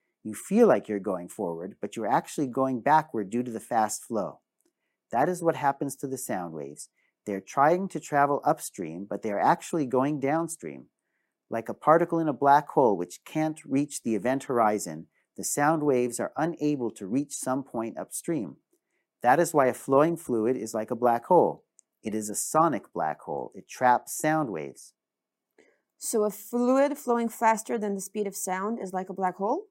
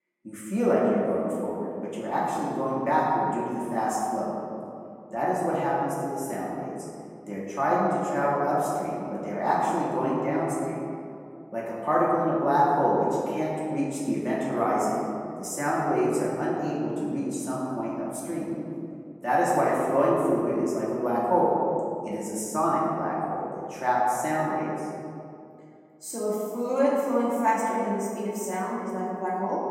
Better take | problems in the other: first | off-mic speech; far // room echo; noticeable; dies away in 2.2 s

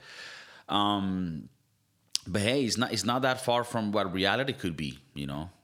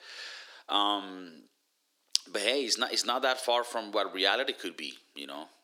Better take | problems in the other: first | thin; somewhat; fading below 300 Hz

